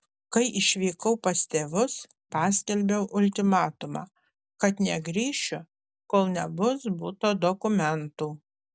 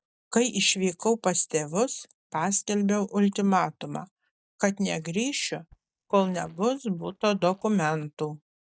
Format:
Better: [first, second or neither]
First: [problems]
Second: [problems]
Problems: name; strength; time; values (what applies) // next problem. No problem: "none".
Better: first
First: none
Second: noise reduction (neural mask model DeepFilterNet 3)